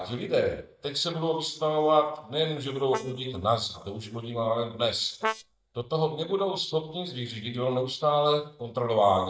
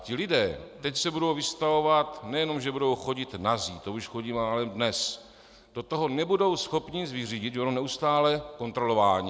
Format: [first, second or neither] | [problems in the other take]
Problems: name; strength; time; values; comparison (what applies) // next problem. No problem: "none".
second | noise reduction (neural mask model DeepFilterNet 3)